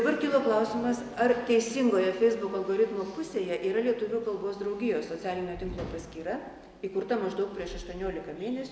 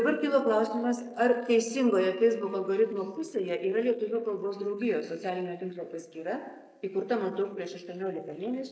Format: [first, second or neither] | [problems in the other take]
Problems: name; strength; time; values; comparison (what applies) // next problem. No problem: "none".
first | noise reduction (neural mask model Resemble Enhance denoiser)